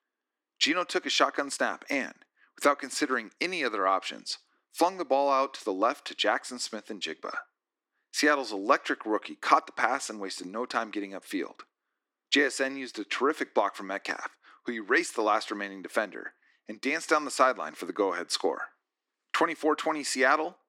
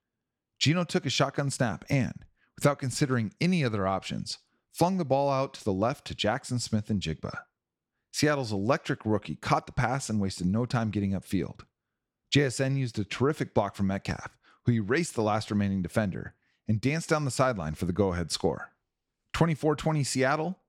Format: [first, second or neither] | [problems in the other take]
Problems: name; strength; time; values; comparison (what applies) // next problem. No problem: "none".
second | thin; somewhat; fading below 300 Hz